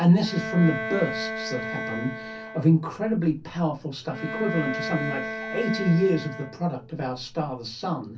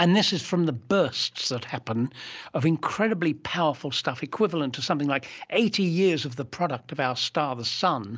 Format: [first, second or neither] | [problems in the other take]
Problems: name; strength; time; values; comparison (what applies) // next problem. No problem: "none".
second | background sound (Bowed string instrument); 8 dB below the speech // room echo; dies away in 0.3 s